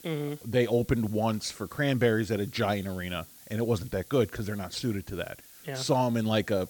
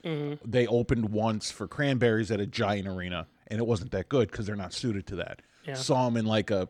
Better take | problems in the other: second | hiss; faint; throughout; 20 dB below the speech

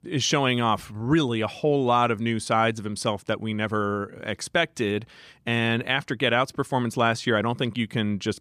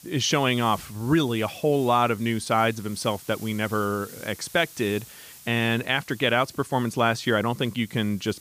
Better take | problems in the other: first | hiss; noticeable; throughout; 20 dB below the speech

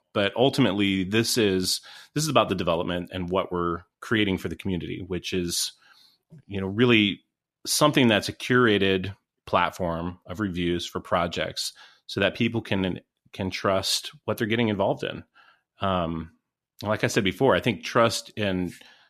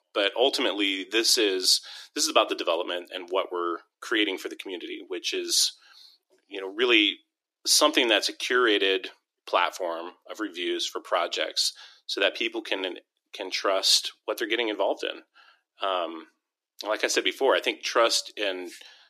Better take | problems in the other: first | thin; somewhat; fading below 300 Hz

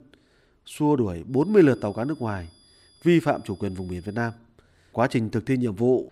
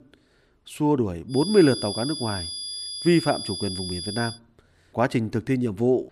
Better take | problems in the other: first | high-pitched whine; loud; from 1.5 to 4.5 s; 5 kHz, 7 dB below the speech; faint in the first

